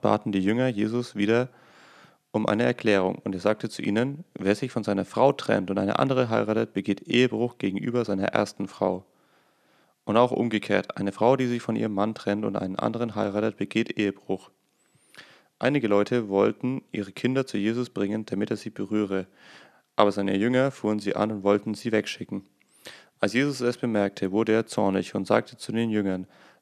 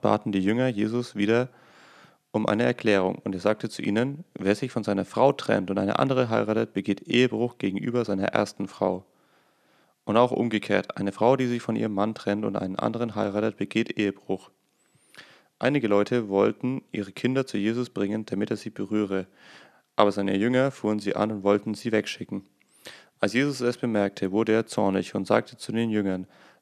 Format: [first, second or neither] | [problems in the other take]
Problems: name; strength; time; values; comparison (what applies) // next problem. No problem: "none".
neither | none